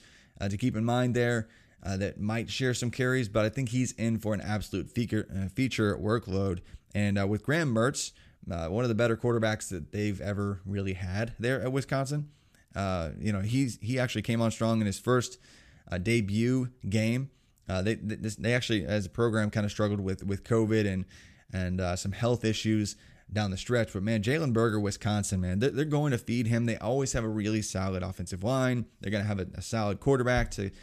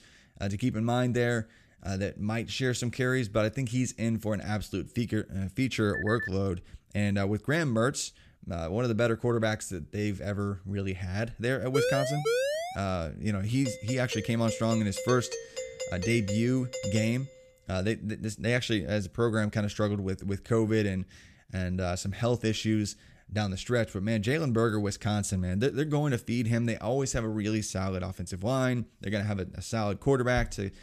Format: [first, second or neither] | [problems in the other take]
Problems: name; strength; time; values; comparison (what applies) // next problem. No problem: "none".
first | phone ringing; noticeable; at 6 s; peak 3 dB below the speech // siren; loud; from 12 to 13 s; peak 2 dB above the speech // doorbell; noticeable; from 14 to 17 s; peak 6 dB below the speech